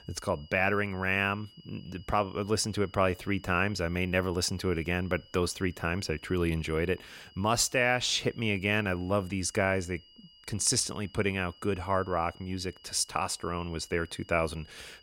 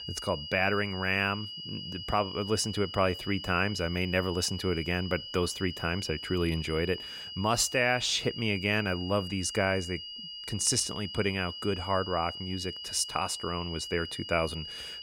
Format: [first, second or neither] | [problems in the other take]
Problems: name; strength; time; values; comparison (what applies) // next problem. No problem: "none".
first | high-pitched whine; loud; throughout; 3 kHz, 9 dB below the speech; faint in the first